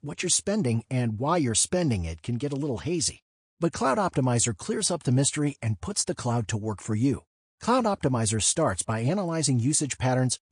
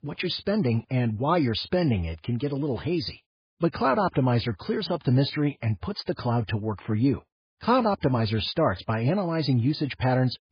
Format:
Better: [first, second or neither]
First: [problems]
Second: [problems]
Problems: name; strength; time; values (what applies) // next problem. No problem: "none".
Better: first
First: garbled, watery; slightly; nothing above 8.5 kHz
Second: garbled, watery; badly; nothing above 5 kHz